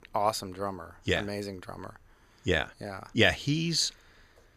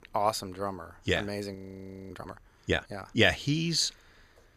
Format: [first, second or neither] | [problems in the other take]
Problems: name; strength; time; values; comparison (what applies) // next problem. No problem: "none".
first | audio freezing; at 1.5 s for 0.5 s